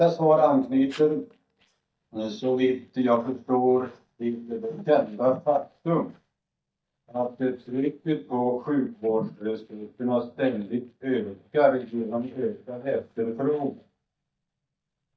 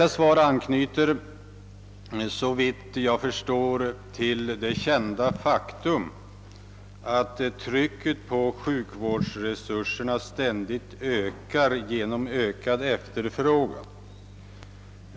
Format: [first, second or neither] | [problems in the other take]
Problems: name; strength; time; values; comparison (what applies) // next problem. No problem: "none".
second | noise reduction (neural mask model DeepFilterNet 3)